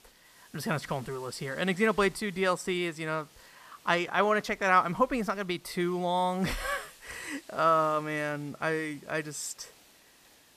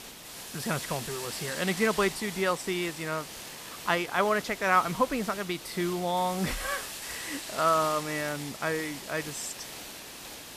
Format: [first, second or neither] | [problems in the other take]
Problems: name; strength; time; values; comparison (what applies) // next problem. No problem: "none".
first | hiss; loud; throughout; 9 dB below the speech; faint in the first